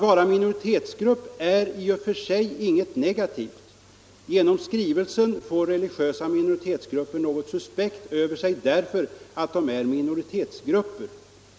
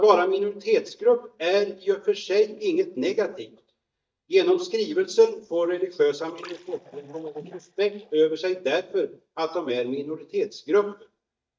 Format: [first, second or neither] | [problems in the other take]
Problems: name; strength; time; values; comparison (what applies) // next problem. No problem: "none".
first | noise reduction (neural mask model DeepFilterNet 3)